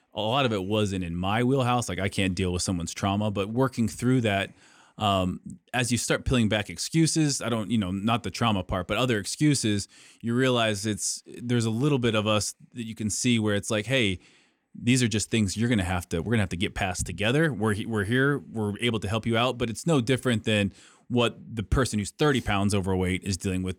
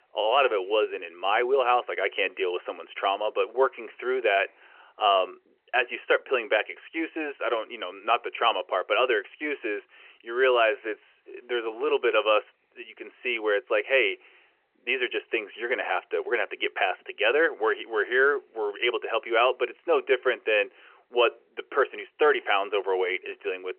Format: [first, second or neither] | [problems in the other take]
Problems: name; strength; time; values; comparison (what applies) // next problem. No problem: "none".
first | phone-call audio; nothing above 3 kHz